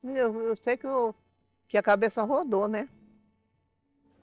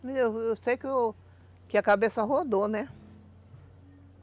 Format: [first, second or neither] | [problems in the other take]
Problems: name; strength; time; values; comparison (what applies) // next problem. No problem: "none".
second | noise reduction (neural separator model SepFormer DNS4)